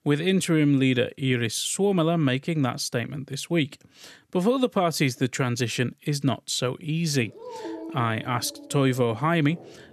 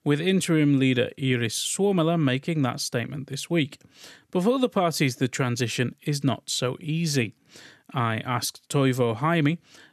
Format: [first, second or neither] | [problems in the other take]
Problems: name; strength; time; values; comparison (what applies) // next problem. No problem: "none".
second | dog barking; faint; from 7.5 s on; peak 10 dB below the speech